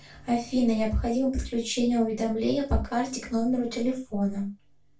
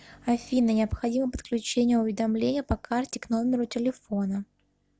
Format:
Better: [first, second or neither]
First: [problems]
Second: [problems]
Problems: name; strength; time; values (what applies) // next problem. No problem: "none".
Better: second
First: room echo; dies away in 0.2 s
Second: none